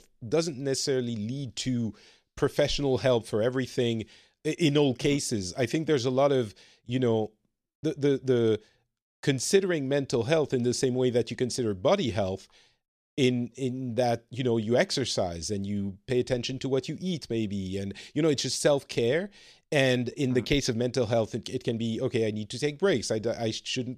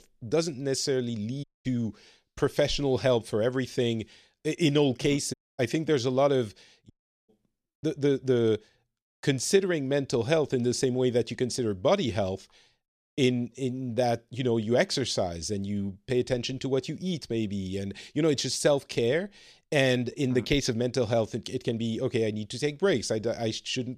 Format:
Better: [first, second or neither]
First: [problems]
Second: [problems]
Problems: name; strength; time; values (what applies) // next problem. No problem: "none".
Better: first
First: none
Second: audio cutting out; at 1.5 s, at 5.5 s and at 7 s